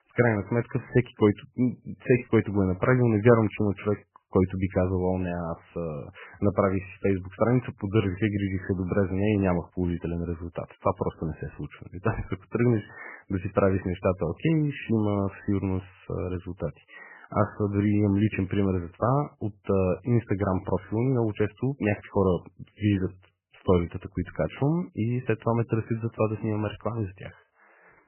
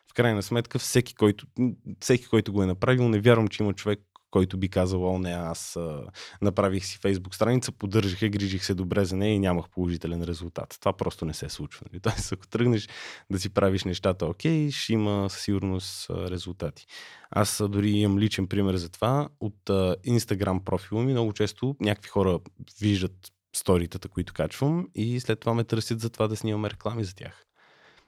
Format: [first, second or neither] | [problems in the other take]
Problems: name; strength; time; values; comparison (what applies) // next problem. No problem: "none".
second | garbled, watery; badly; nothing above 3 kHz